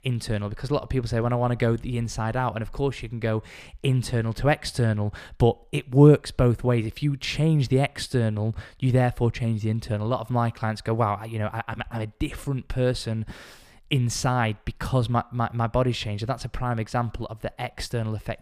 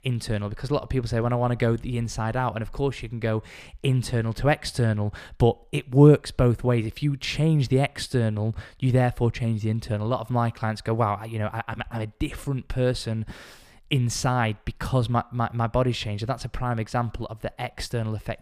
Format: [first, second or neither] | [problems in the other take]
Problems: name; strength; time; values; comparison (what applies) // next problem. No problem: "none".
neither | none